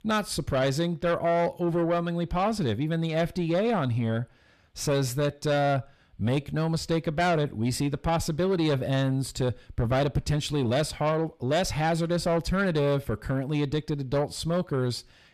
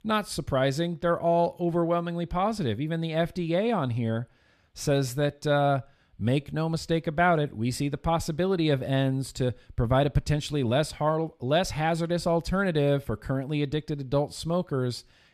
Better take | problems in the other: second | distortion; slight; 10 dB below the speech

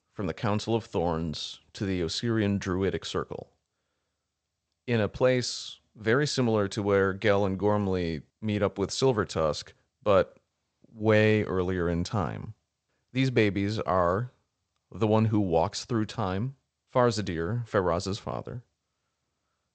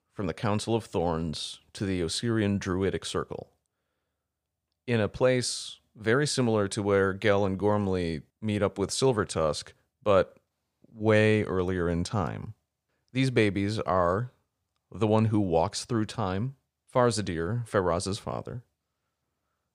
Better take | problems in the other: second | garbled, watery; slightly; nothing above 8 kHz

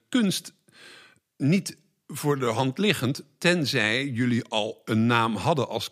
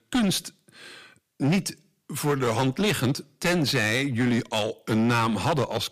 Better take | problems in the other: first | distortion; heavy; 13% of the sound clipped

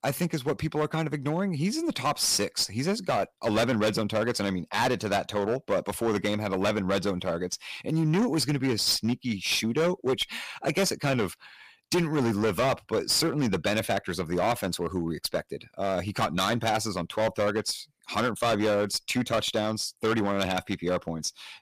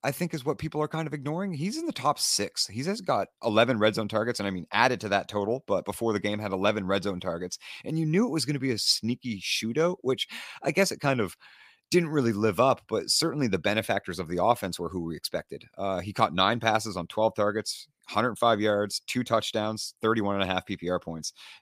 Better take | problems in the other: second | distortion; heavy; 11% of the sound clipped

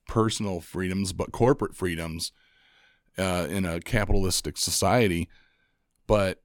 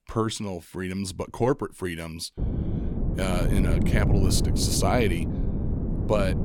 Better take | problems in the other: first | wind noise on the microphone; heavy; from 2.5 s on; 6 dB below the speech

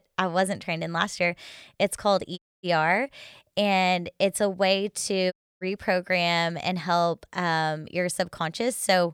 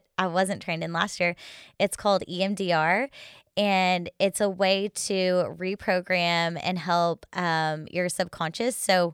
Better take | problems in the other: second | audio cutting out; at 2.5 s and at 5.5 s

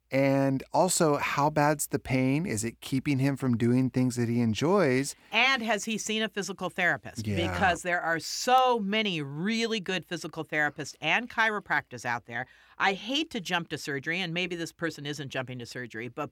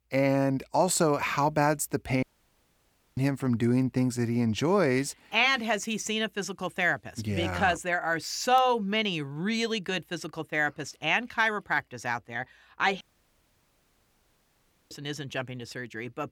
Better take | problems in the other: first | audio cutting out; at 2 s for 1 s and at 13 s for 2 s

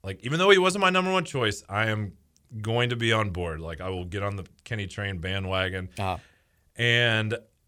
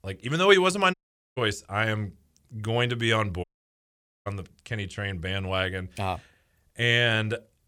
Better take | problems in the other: first | audio cutting out; at 1 s and at 3.5 s for 1 s

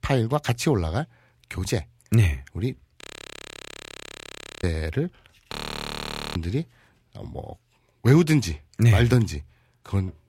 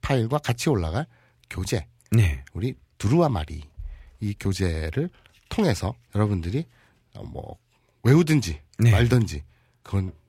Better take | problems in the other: second | audio freezing; at 3 s for 1.5 s and at 5.5 s for 1 s

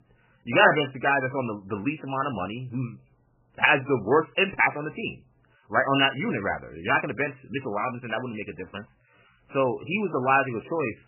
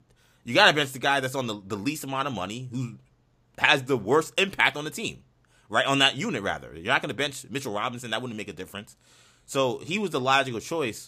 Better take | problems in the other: second | garbled, watery; badly; nothing above 3 kHz

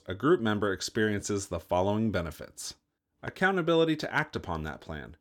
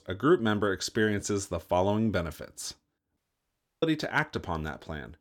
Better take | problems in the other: first | audio cutting out; at 3 s for 0.5 s

